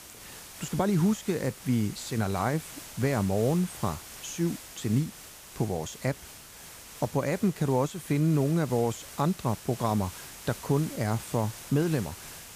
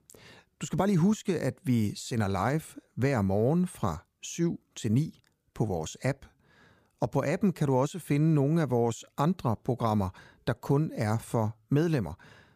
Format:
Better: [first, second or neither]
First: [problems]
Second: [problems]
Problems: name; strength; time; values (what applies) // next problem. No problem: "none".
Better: second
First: hiss; noticeable; throughout; 15 dB below the speech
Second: none